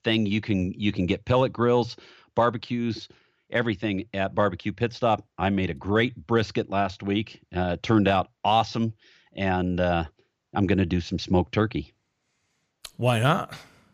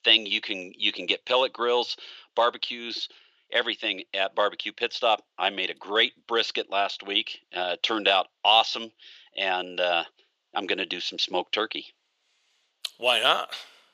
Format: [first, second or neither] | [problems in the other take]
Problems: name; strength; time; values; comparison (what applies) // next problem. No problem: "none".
first | thin; very; fading below 450 Hz